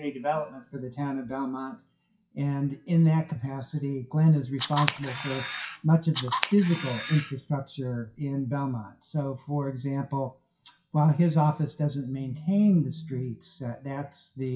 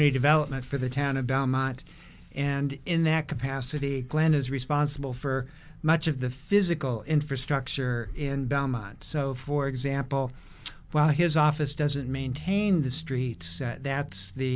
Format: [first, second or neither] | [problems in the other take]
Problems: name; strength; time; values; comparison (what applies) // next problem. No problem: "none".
second | noise reduction (classical method WPE with log-MMSE)